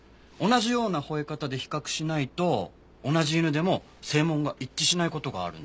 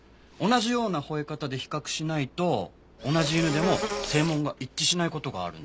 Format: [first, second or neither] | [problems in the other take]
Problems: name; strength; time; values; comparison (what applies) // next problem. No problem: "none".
first | background sound (Insect); 4 dB below the speech